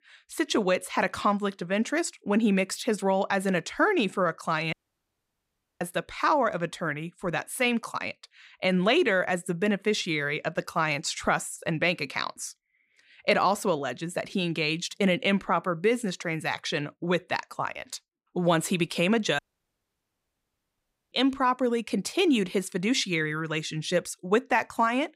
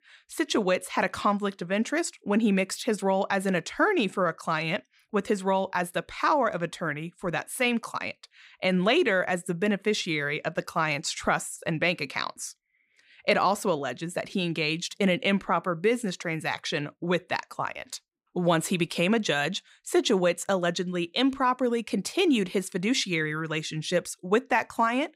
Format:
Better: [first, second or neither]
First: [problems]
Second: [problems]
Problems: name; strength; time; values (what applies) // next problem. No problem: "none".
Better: second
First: audio cutting out; at 4.5 s for 1 s and at 19 s for 1.5 s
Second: none